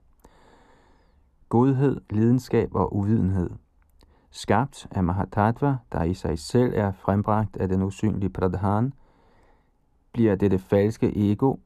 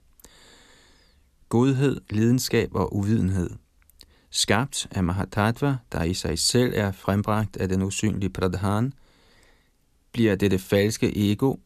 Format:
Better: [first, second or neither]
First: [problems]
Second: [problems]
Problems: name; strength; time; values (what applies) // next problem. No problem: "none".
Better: second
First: muffled; very; fading above 2 kHz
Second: none